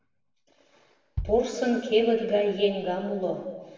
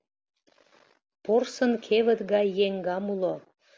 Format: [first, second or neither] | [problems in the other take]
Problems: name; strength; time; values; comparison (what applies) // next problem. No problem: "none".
second | background sound (Bass drum); 13 dB below the speech // room echo; dies away in 1.2 s